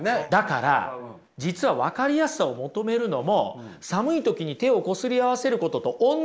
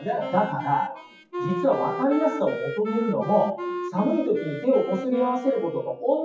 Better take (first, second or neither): first